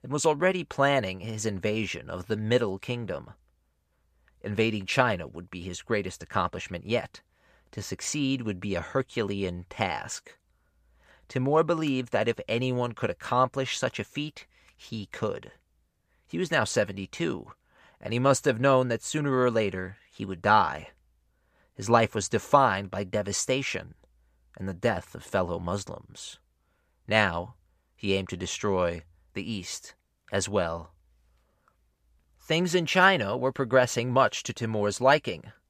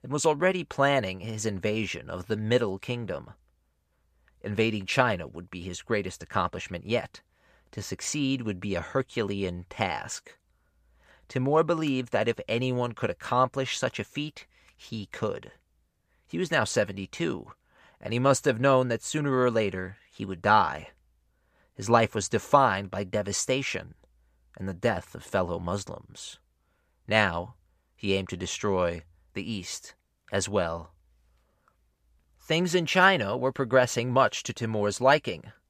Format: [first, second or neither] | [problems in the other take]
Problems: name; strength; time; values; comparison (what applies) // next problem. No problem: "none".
neither | none